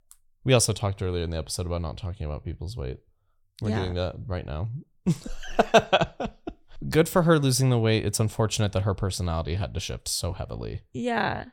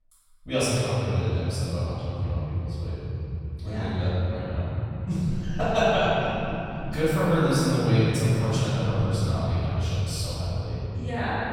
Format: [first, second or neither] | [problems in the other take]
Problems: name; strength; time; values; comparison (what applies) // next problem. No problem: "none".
first | off-mic speech; far // room echo; strong; dies away in 3 s